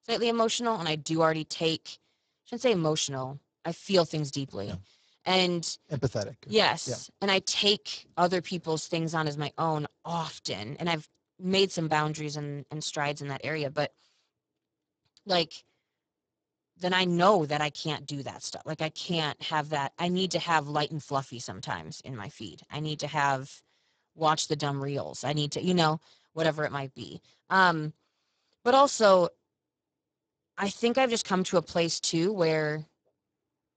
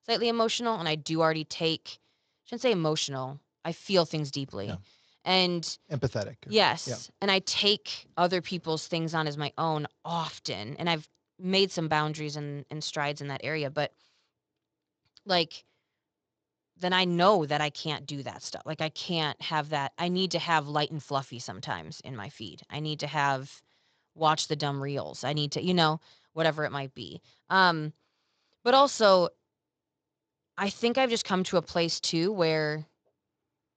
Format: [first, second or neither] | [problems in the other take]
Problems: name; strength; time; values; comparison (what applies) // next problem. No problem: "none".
second | garbled, watery; badly; nothing above 8 kHz; slightly in the second